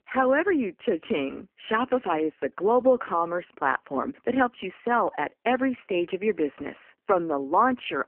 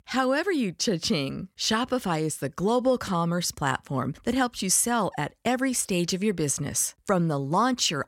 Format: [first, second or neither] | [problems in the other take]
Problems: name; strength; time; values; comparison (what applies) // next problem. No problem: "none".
second | phone-call audio; poor line; nothing above 3 kHz